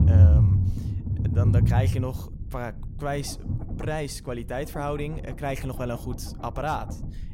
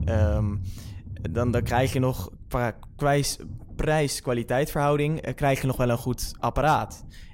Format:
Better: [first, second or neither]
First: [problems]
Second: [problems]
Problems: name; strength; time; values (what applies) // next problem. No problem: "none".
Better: second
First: low rumble; loud; throughout; 6 dB below the speech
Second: low rumble; faint; throughout; 25 dB below the speech